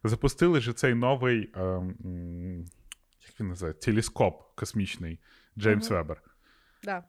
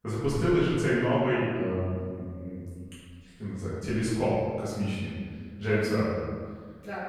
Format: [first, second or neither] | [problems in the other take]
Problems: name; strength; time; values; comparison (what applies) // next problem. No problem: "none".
first | off-mic speech; far // room echo; strong; dies away in 1.6 s